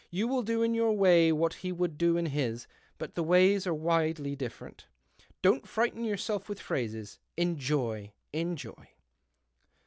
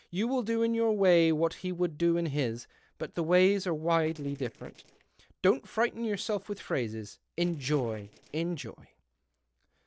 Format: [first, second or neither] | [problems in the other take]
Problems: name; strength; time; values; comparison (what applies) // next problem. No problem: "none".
first | noise reduction (neural separator model SepFormer DNS4)